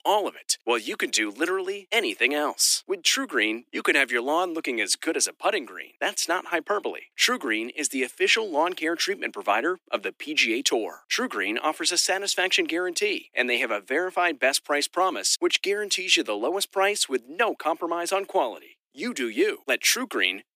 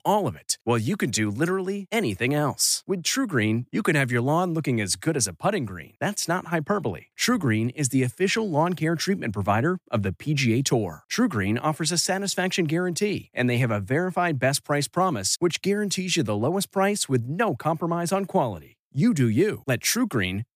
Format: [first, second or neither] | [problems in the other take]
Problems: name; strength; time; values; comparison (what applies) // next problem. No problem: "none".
second | thin; somewhat; fading below 300 Hz